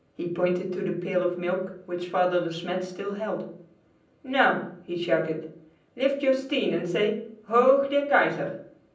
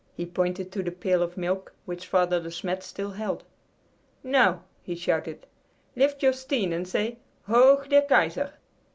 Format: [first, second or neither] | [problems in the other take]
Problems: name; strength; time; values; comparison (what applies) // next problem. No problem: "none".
second | room echo; dies away in 0.6 s